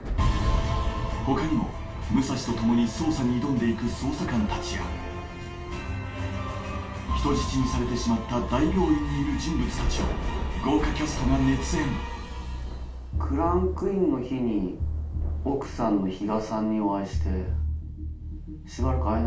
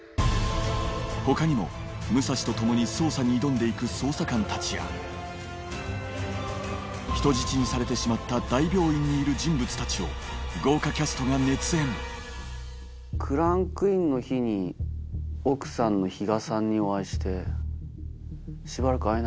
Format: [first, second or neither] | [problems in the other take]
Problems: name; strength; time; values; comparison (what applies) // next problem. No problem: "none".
second | background sound (Thunder / Rain); 11 dB below the speech // room echo; dies away in 0.3 s